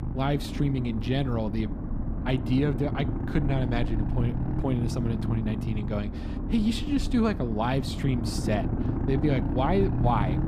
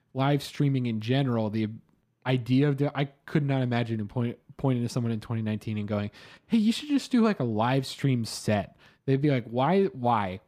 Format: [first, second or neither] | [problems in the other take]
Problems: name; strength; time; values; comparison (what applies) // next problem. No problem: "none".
second | low rumble; loud; throughout; 6 dB below the speech